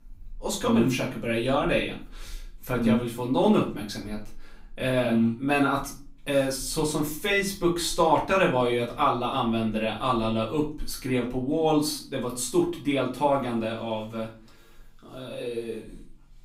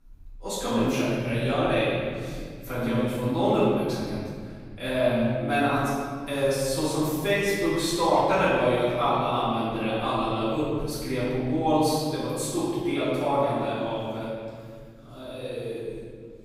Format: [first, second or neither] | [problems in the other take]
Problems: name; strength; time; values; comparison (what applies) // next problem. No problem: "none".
first | room echo; strong; dies away in 2.4 s; slight in the first // off-mic speech; far; far in the first